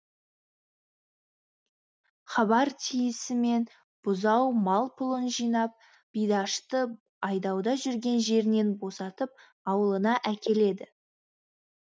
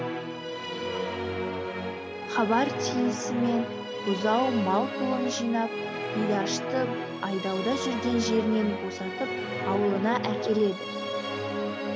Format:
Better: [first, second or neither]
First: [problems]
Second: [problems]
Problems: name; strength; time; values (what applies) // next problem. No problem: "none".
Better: first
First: none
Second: background sound (Musical instrument); 2 dB below the speech